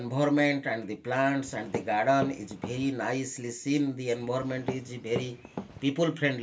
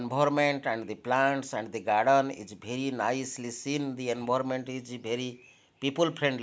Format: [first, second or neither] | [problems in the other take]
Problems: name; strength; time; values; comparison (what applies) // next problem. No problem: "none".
second | background sound (Walk, footsteps); 11 dB below the speech // room echo; dies away in 0.1 s